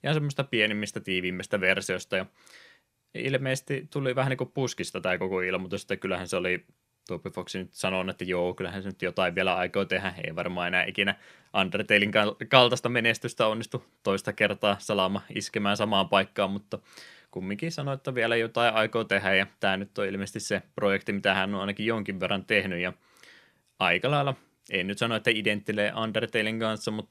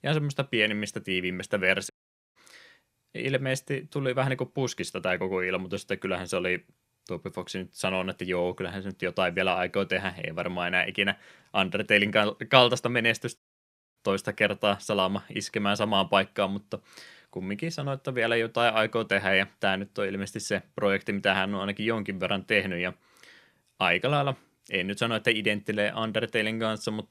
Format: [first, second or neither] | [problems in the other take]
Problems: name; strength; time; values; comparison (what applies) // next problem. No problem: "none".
first | audio cutting out; at 2 s and at 13 s for 0.5 s